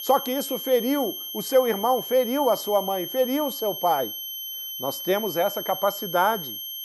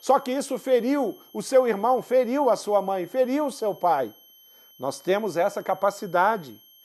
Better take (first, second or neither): second